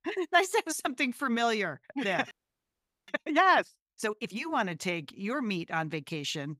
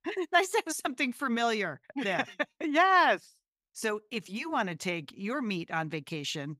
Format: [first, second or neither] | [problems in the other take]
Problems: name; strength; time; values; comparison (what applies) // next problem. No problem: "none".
second | audio freezing; at 2.5 s for 1 s